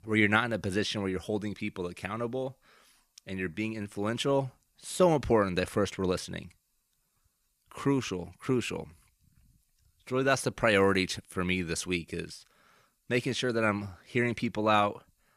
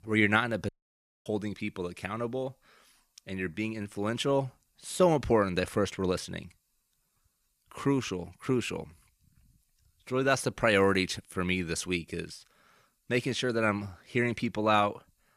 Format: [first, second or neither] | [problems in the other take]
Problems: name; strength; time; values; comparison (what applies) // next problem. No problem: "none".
first | audio cutting out; at 0.5 s for 0.5 s